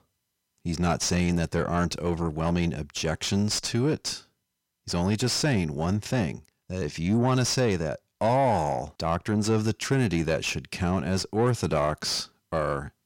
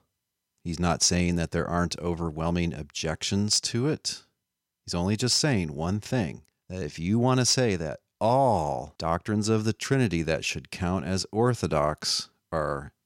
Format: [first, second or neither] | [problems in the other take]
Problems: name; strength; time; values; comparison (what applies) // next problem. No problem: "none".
second | distortion; slight; 10 dB below the speech